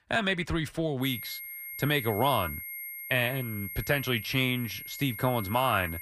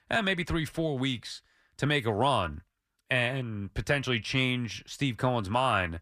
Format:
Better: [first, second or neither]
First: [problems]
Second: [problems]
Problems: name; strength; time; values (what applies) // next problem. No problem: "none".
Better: second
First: high-pitched whine; loud; from 1 s on; 11.5 kHz, 9 dB below the speech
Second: none